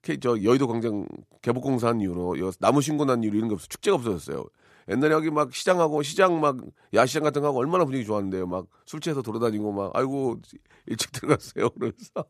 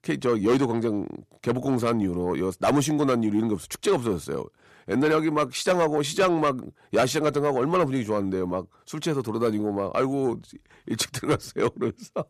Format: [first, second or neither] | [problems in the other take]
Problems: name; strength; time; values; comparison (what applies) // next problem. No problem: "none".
first | distortion; slight; 10 dB below the speech